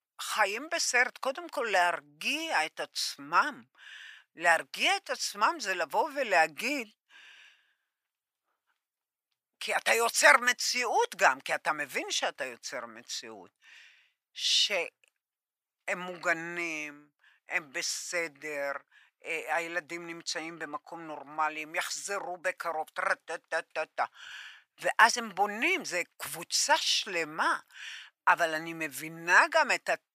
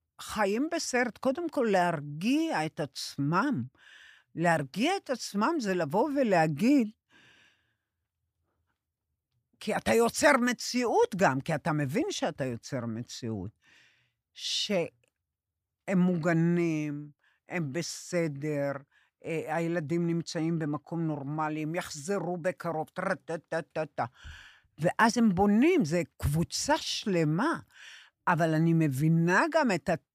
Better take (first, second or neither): second